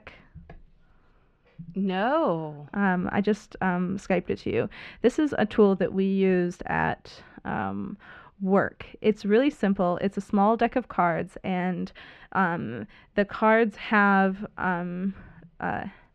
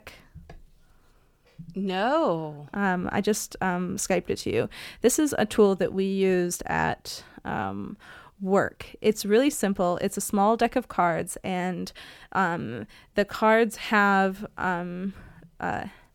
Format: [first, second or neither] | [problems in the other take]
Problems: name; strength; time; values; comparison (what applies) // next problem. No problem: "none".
second | muffled; very; fading above 2.5 kHz